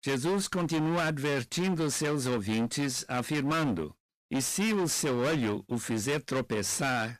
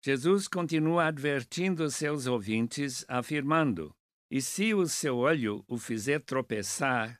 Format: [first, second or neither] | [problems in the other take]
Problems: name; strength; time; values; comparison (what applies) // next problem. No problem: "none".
second | distortion; heavy; 29% of the sound clipped